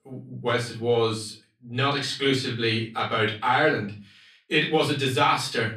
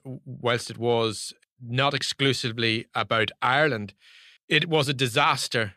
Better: second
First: room echo; slight; dies away in 0.3 s // off-mic speech; far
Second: none

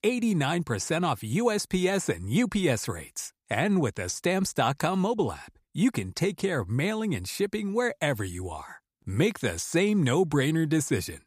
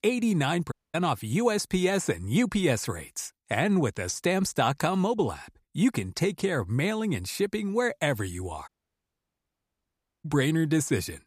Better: first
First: none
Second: audio cutting out; at 0.5 s and at 8.5 s for 1.5 s

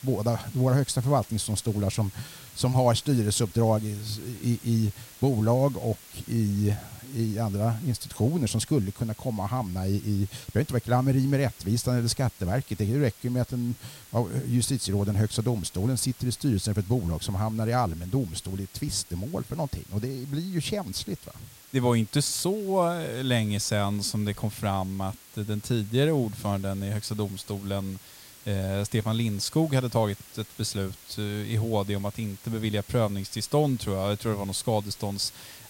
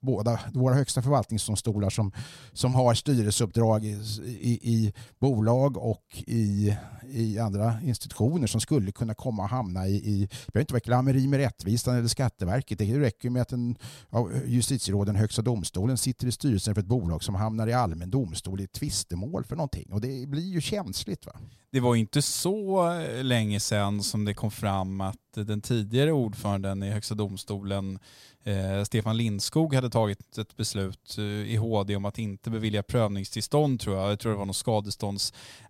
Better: second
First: hiss; noticeable; throughout; 20 dB below the speech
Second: none

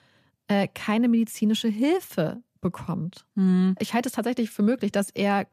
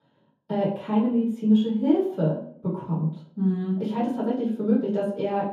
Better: first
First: none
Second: room echo; noticeable; dies away in 0.6 s // off-mic speech; far

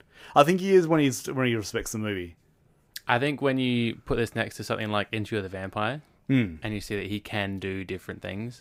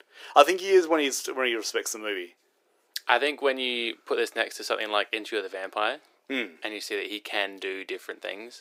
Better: first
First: none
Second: thin; very; fading below 350 Hz

